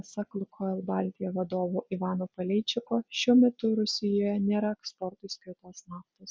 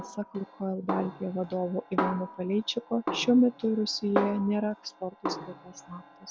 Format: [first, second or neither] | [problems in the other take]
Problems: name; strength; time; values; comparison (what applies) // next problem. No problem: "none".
first | background sound (Snare drum); 7 dB below the speech